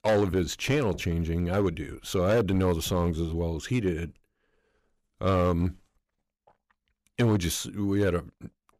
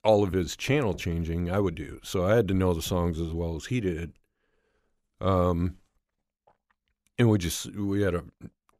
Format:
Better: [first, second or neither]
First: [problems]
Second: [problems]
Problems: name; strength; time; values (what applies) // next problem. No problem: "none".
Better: second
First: distortion; slight; 4% of the sound clipped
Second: none